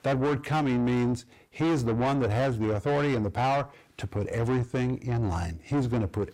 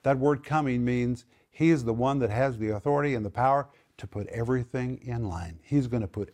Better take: second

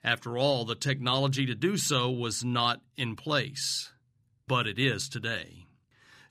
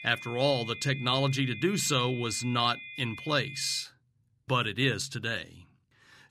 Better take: first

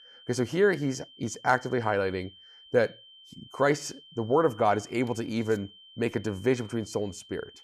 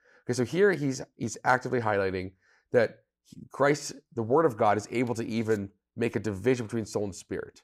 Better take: second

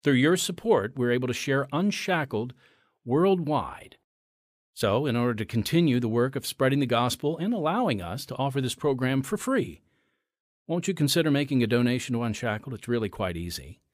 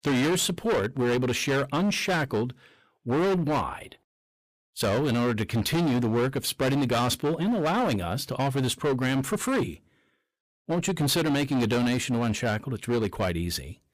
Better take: first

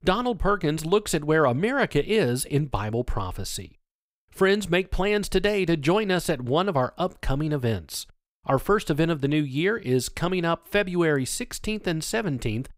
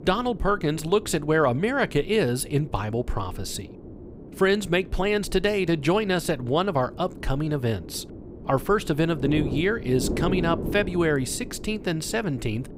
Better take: first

